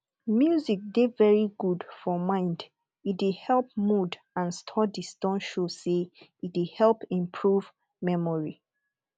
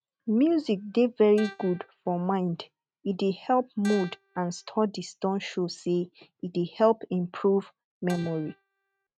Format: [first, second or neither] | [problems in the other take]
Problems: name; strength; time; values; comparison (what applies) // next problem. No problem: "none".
first | noise reduction (neural mask model RNNoise)